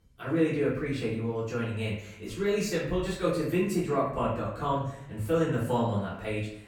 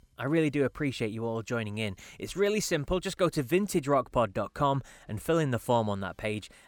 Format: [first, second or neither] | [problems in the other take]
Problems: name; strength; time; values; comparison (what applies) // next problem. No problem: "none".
second | off-mic speech; far // room echo; noticeable; dies away in 0.6 s